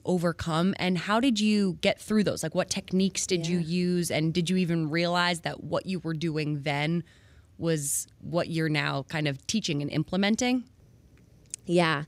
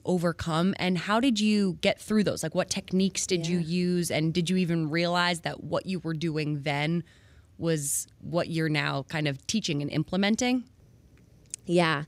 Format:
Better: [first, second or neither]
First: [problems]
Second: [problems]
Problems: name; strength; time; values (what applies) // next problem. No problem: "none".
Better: neither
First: none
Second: none